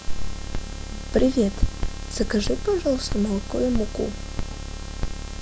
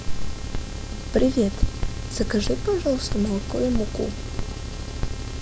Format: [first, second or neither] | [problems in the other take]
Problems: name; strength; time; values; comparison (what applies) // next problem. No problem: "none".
first | background sound (Engine); 12 dB below the speech